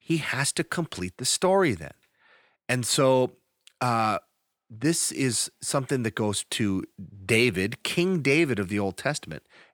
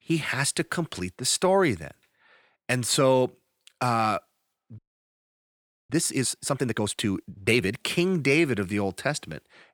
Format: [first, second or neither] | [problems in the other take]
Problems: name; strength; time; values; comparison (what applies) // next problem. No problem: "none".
first | audio freezing; at 5 s for 1 s